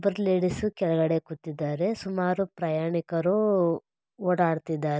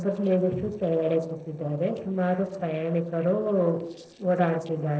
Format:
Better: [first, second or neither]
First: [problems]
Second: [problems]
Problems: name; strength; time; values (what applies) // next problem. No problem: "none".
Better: first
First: none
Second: noise reduction (neural separator model SepFormer DNS4)